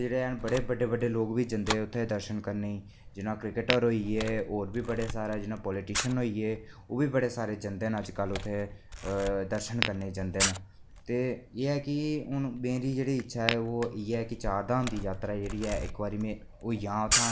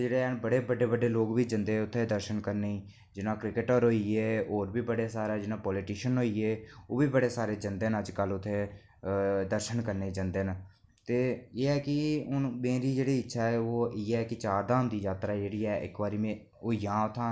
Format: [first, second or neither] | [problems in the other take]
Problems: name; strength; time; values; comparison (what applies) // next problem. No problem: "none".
second | background sound (Tap / Glass + Camera); 6 dB below the speech